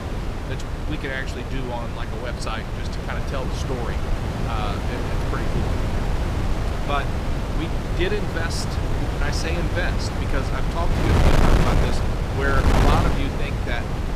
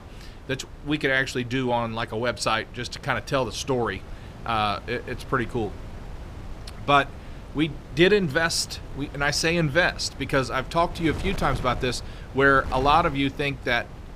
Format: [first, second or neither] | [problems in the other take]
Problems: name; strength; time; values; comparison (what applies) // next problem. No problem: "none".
second | wind noise on the microphone; heavy; as loud as the speech; occasional gusts in the second